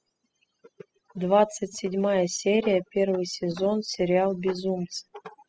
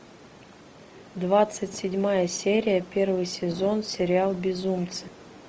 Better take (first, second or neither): second